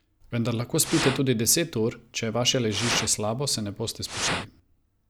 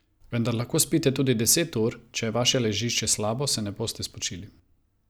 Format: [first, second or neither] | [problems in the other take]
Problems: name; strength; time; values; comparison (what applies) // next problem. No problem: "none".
second | background sound (Fire); 3 dB below the speech